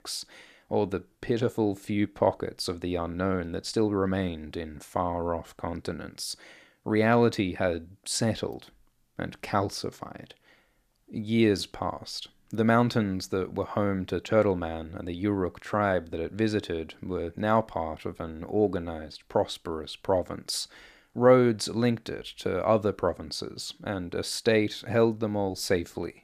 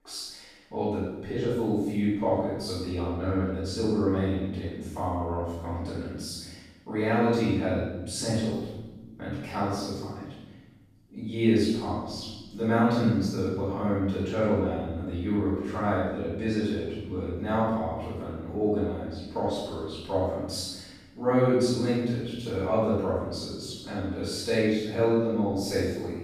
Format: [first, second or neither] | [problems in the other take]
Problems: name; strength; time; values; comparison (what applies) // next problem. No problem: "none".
first | off-mic speech; far // room echo; strong; dies away in 1.2 s